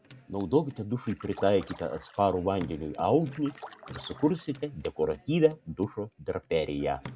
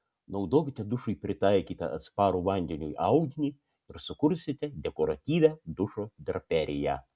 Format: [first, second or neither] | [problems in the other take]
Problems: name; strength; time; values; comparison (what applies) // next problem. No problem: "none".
second | background sound (Hands / Wood + Splash, splatter); 19 dB below the speech